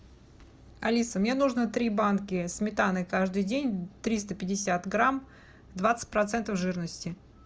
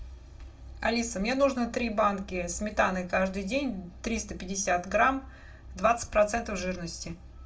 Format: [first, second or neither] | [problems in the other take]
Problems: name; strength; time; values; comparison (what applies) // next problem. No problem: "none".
first | room echo; dies away in 0.2 s